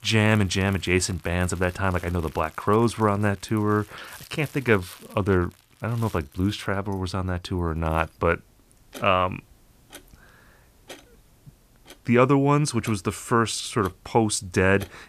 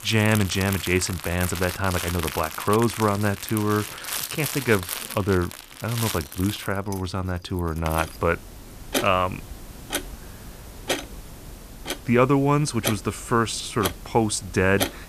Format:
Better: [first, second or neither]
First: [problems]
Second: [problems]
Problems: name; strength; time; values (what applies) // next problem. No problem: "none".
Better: first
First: household noises; faint; throughout; 25 dB below the speech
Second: household noises; loud; throughout; 8 dB below the speech